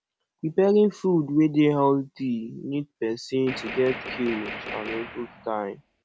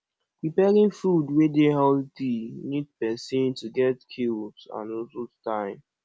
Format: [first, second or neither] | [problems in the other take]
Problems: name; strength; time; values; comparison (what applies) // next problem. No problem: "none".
second | background sound (Gunshot, gunfire); 11 dB below the speech